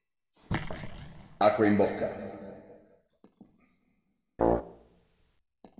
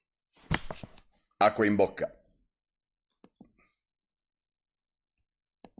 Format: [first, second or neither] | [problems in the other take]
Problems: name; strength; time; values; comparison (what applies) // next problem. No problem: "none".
second | background sound (Brass instrument); 2 dB above the speech // room echo; dies away in 2 s